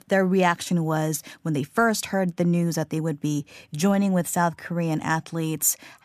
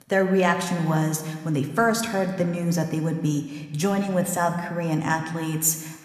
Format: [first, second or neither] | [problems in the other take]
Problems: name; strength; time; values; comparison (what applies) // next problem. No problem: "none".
first | room echo; slight; dies away in 1.2 s